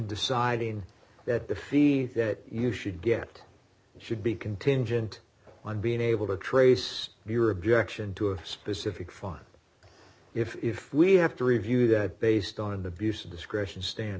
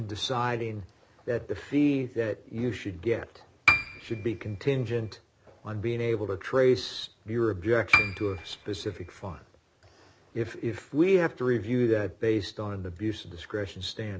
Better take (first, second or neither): first